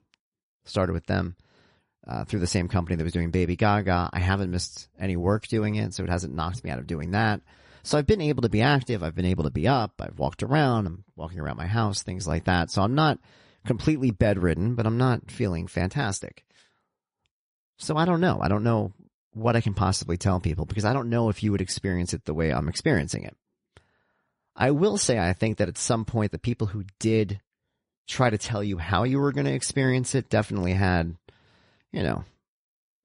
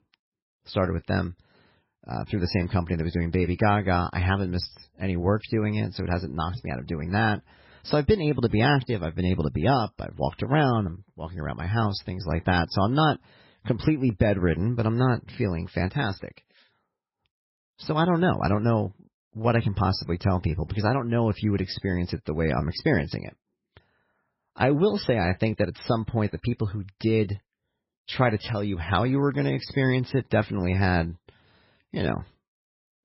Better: first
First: garbled, watery; slightly; nothing above 10.5 kHz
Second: garbled, watery; badly; nothing above 5.5 kHz

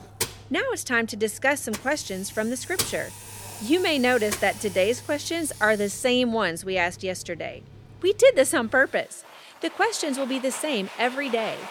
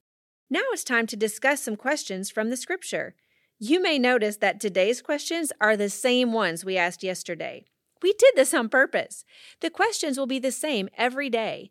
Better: second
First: household noises; noticeable; throughout; 10 dB below the speech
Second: none

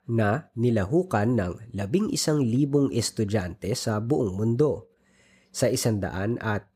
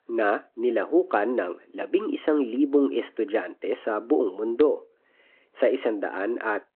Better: first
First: none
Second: phone-call audio

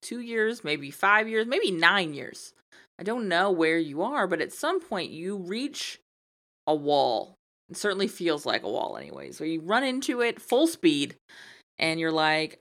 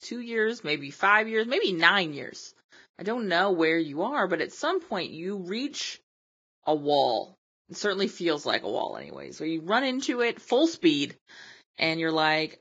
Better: first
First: none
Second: garbled, watery; badly; nothing above 7.5 kHz

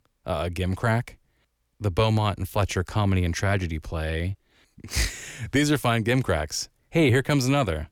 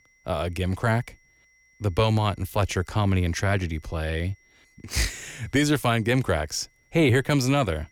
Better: first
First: none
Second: high-pitched whine; faint; throughout; 2 kHz, 35 dB below the speech

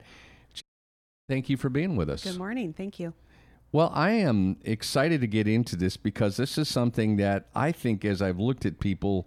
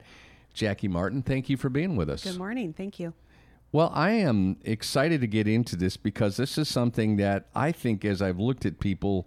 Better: second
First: audio cutting out; at 0.5 s for 0.5 s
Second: none

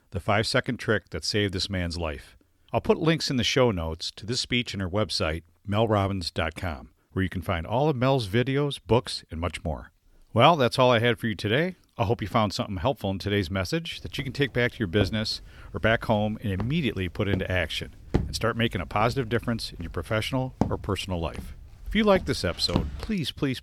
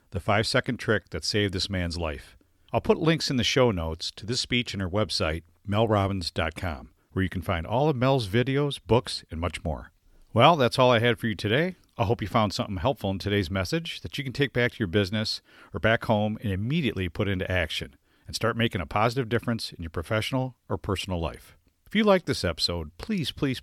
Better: second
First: footsteps; noticeable; from 14 to 23 s; peak 3 dB below the speech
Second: none

